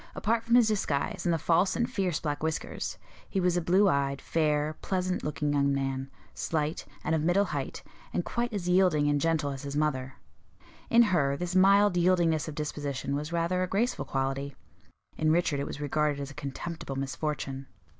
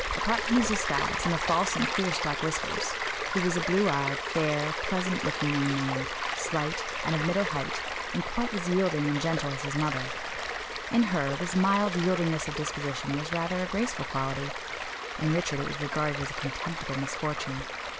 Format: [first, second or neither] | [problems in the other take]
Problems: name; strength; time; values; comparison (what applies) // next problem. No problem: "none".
first | background sound (Stream); 3 dB below the speech